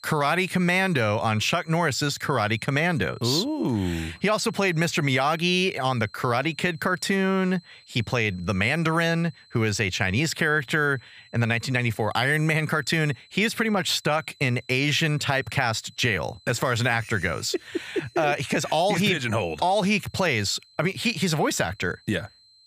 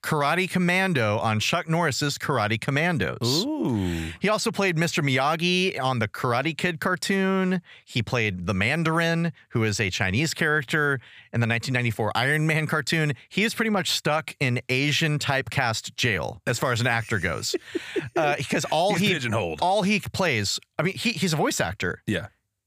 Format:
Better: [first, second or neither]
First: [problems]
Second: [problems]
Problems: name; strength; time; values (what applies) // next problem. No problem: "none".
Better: second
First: high-pitched whine; faint; throughout; 4 kHz, 30 dB below the speech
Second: none